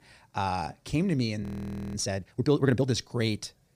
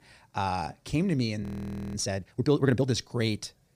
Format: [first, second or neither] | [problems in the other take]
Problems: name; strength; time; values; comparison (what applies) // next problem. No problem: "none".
neither | audio freezing; at 1.5 s for 0.5 s; the same in both